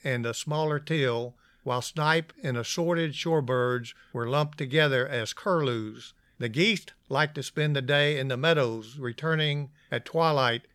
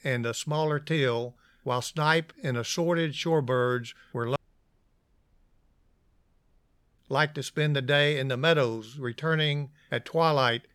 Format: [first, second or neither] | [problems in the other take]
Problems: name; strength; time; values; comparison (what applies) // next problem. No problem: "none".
first | audio cutting out; at 4.5 s for 2.5 s